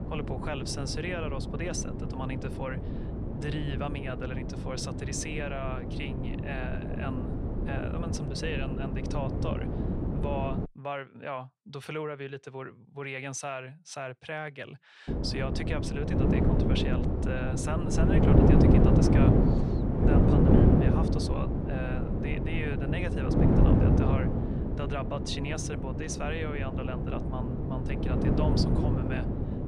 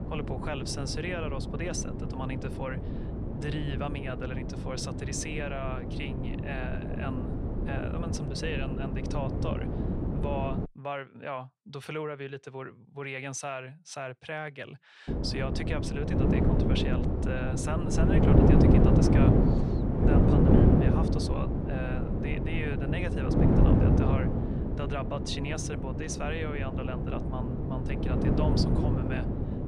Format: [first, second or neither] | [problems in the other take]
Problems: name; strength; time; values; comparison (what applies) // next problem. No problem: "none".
neither | wind noise on the microphone; heavy; until 11 s and from 15 s on; 3 dB above the speech; the same in both